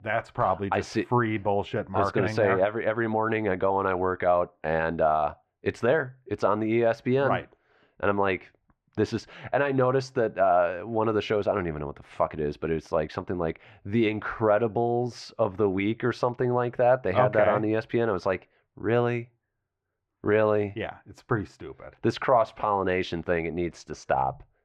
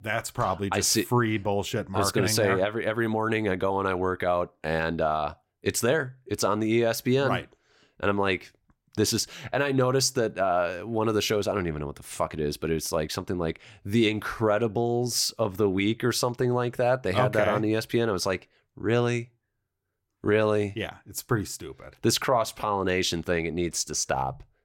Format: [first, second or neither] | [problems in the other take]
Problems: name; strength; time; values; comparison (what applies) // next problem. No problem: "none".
second | muffled; very; fading above 2 kHz